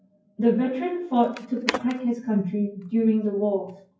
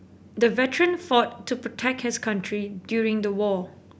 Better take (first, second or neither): second